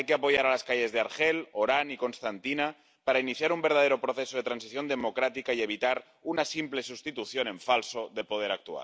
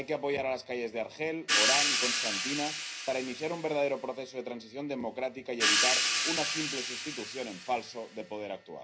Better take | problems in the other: first | background sound (Crash cymbal / Hi-hat); 2 dB above the speech // room echo; dies away in 0.4 s

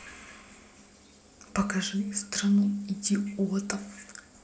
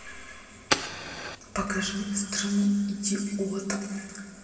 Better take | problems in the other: first | background sound (Fire); 4 dB below the speech // room echo; dies away in 2.6 s

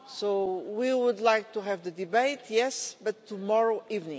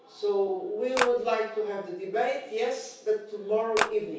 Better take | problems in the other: first | background sound (Clapping); as loud as the speech // room echo; dies away in 0.6 s

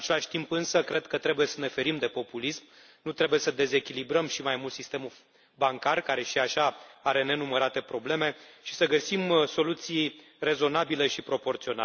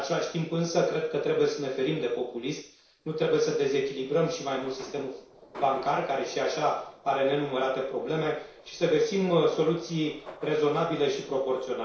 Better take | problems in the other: first | noise reduction (neural separator model SepFormer DNS4)

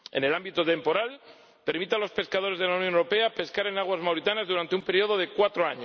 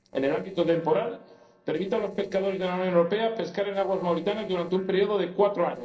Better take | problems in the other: first | noise reduction (neural separator model SepFormer DNS4)

